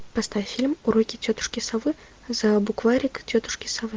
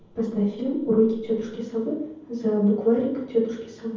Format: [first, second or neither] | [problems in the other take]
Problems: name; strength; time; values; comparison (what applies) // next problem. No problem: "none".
first | room echo; dies away in 0.9 s